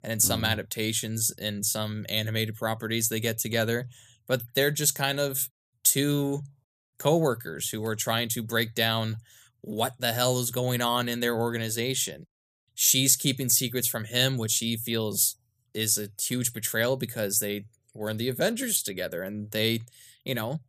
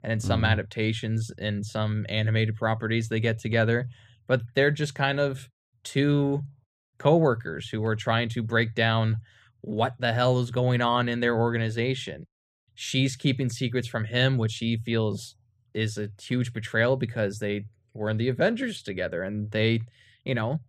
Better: first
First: none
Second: muffled; very; fading above 2 kHz

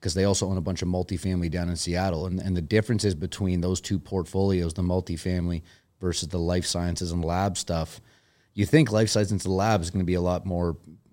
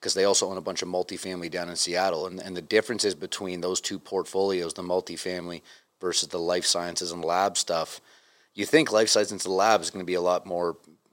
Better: first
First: none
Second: thin; very; fading below 450 Hz

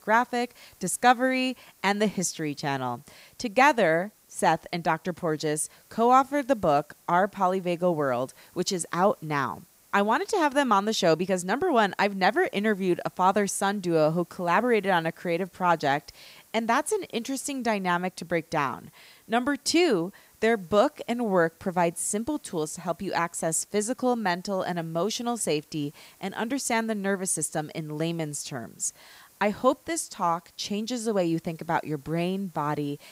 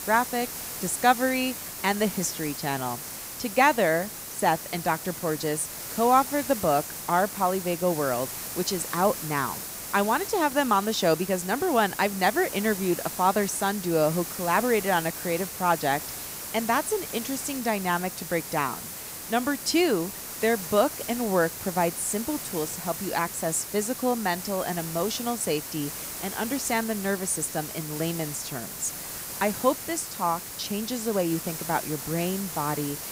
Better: first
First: hiss; faint; throughout; 30 dB below the speech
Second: hiss; loud; throughout; 7 dB below the speech

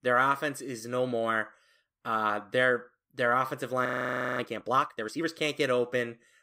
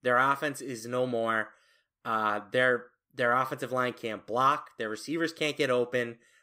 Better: second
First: audio freezing; at 4 s for 0.5 s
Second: none

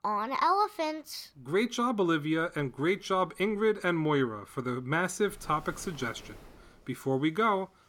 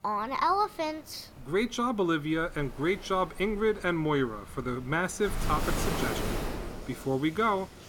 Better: first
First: rain or running water; faint; throughout; 25 dB below the speech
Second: rain or running water; loud; throughout; 8 dB below the speech

